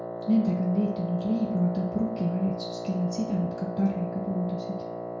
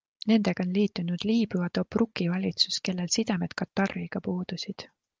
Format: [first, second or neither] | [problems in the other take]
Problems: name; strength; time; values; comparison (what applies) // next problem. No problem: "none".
second | background sound (Wind instrument, woodwind instrument); 7 dB below the speech // room echo; dies away in 0.6 s